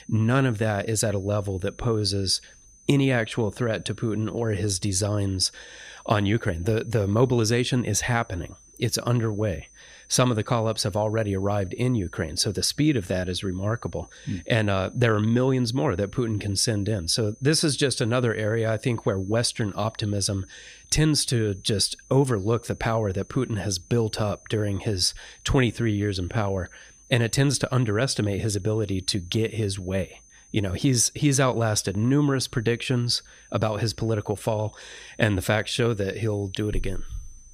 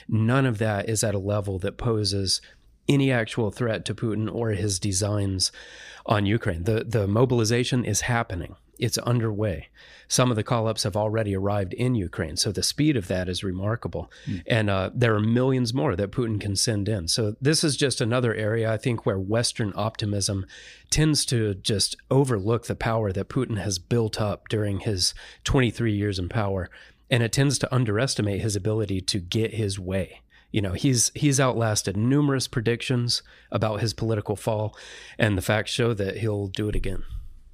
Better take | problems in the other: second | high-pitched whine; faint; throughout; 6 kHz, 25 dB below the speech

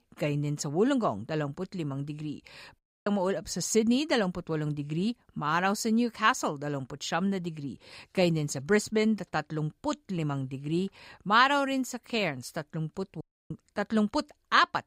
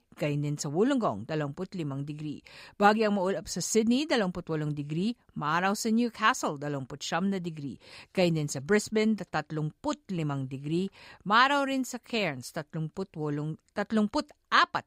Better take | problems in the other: second | audio cutting out; at 3 s and at 13 s

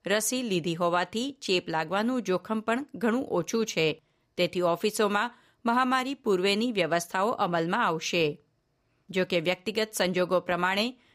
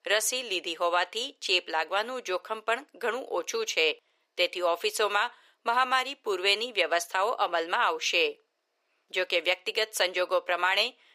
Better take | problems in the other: first | thin; very; fading below 400 Hz

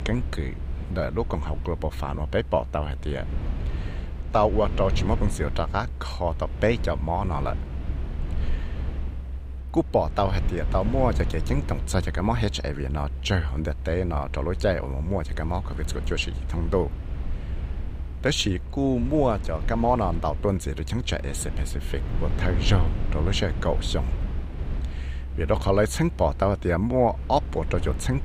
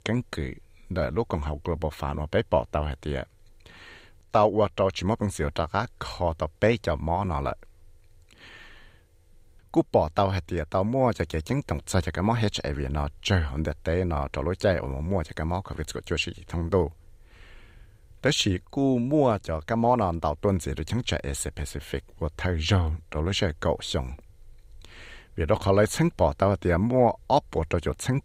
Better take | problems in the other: second | low rumble; noticeable; throughout; 15 dB below the speech

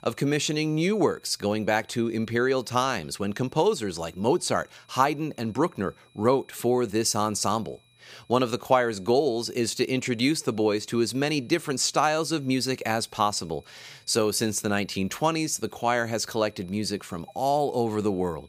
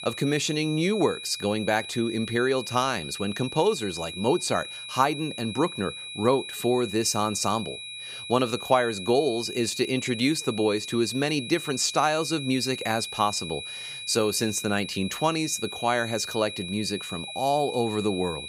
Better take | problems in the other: first | high-pitched whine; loud; throughout; 4 kHz, 9 dB below the speech; faint in the first

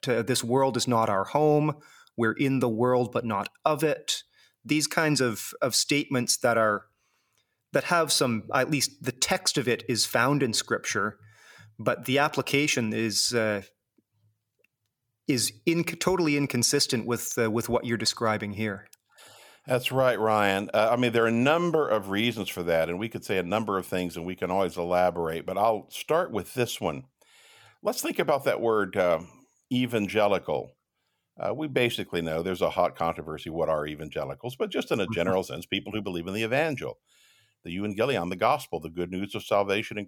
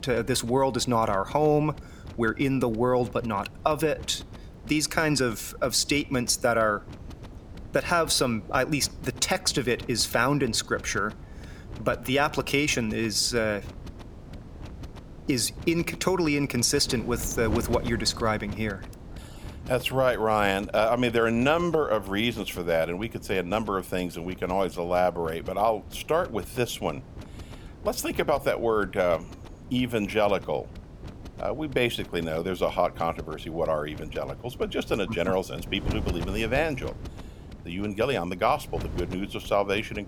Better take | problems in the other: first | wind noise on the microphone; occasional gusts; 20 dB below the speech

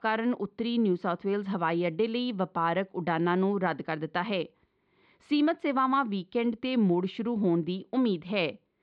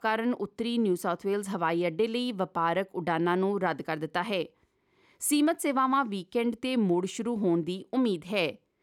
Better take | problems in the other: second | muffled; very slightly; fading above 4 kHz

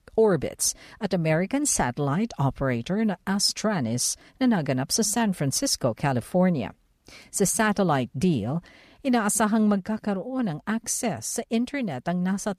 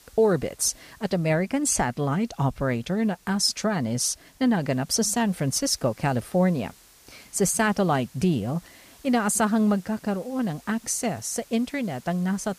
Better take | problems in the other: first | hiss; faint; throughout; 25 dB below the speech

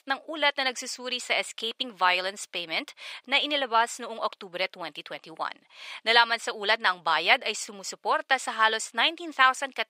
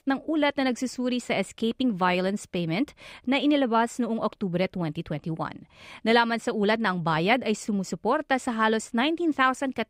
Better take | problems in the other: second | thin; very; fading below 800 Hz

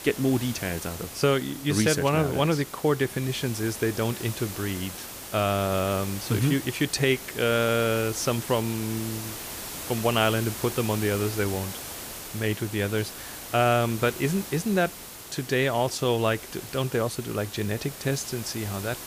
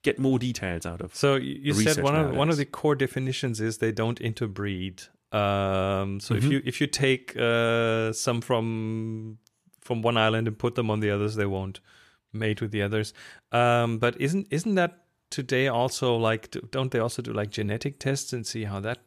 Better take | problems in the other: second | hiss; loud; throughout; 10 dB below the speech

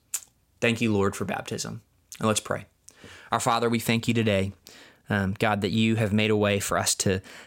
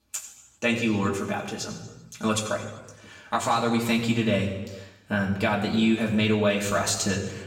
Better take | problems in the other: first | room echo; noticeable; dies away in 1 s // off-mic speech; far

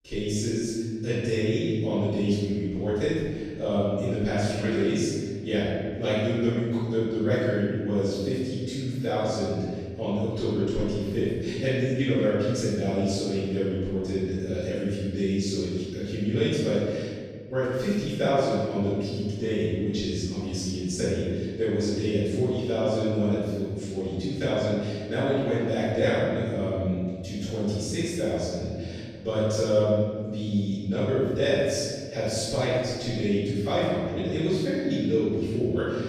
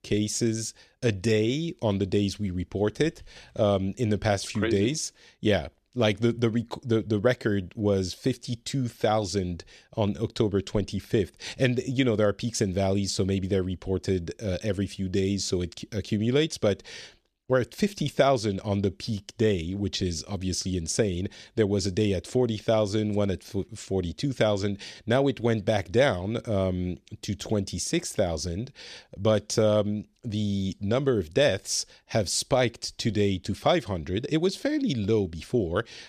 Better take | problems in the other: second | off-mic speech; far // room echo; strong; dies away in 1.7 s

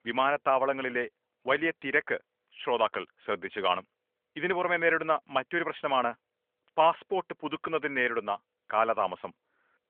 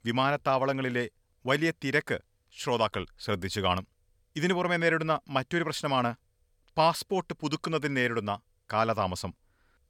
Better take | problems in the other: second | phone-call audio; nothing above 3.5 kHz

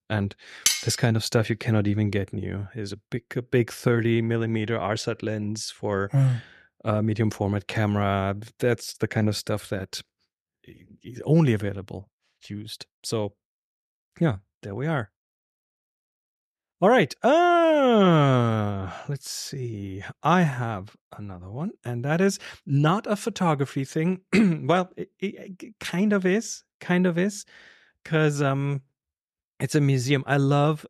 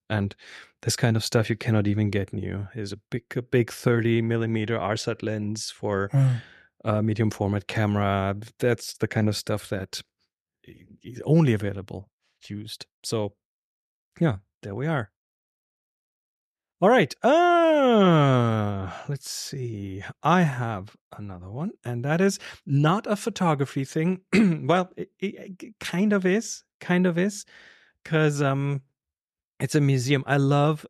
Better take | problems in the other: second | clattering dishes; loud; at 0.5 s; peak 2 dB above the speech

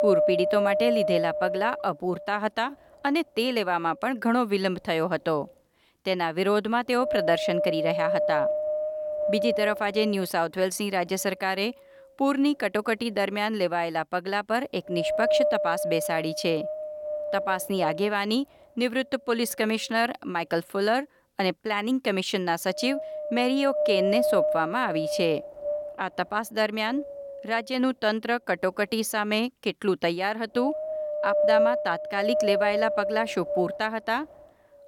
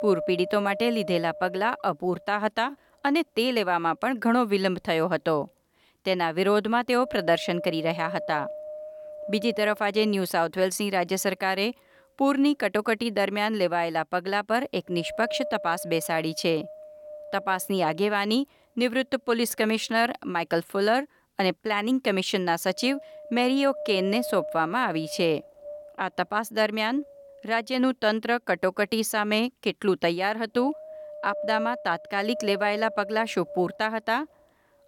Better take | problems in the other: second | wind noise on the microphone; heavy; as loud as the speech; occasional gusts in the second

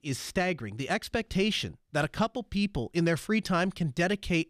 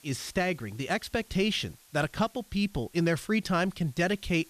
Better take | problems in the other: first | hiss; faint; throughout; 25 dB below the speech

